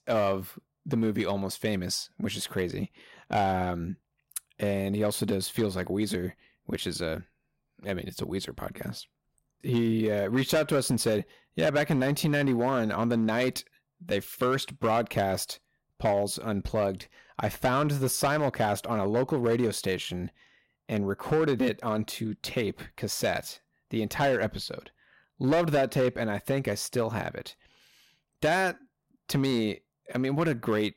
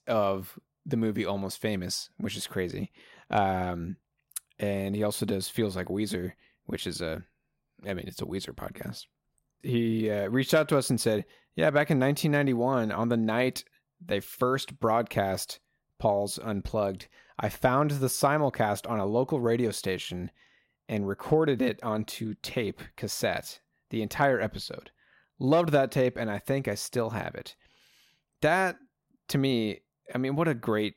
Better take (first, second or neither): second